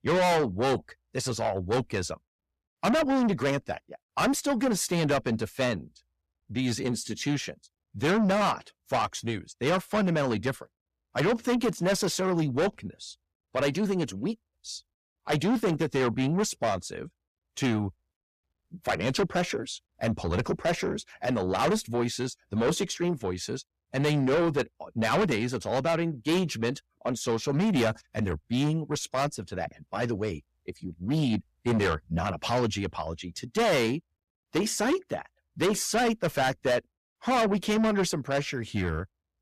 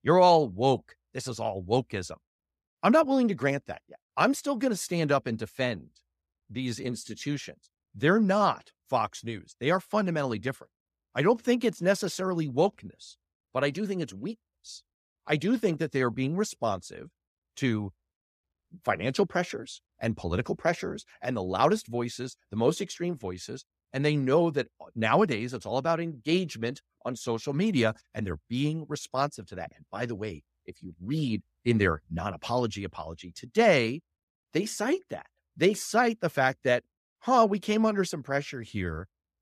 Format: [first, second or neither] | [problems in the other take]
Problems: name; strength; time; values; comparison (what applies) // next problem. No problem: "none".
second | distortion; heavy; 6 dB below the speech